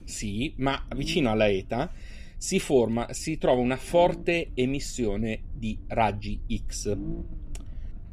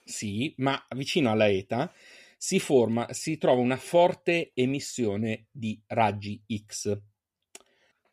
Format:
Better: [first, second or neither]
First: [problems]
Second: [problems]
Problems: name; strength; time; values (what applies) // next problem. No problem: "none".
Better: second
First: low rumble; faint; throughout; 20 dB below the speech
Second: none